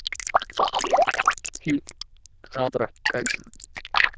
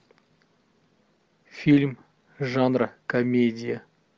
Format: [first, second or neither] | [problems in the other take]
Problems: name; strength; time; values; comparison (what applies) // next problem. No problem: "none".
second | noise reduction (neural diffusion model UNIVERSE++)